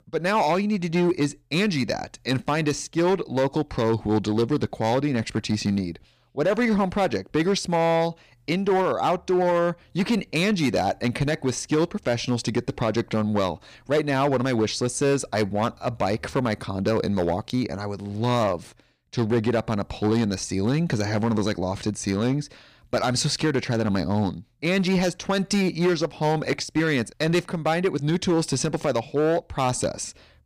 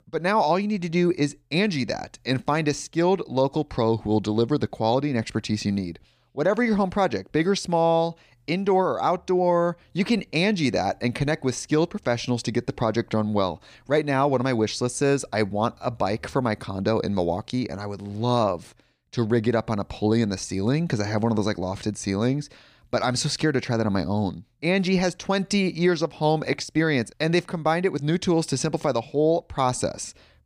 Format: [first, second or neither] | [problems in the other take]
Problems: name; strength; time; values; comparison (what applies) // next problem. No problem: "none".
second | distortion; slight; 7% of the sound clipped